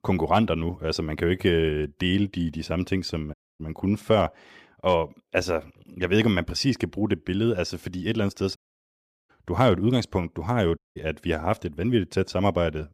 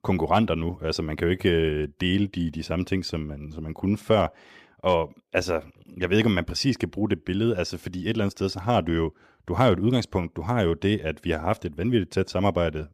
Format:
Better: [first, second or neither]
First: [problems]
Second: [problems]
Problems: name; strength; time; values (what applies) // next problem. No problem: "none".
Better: second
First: audio cutting out; at 3.5 s, at 8.5 s for 0.5 s and at 11 s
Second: none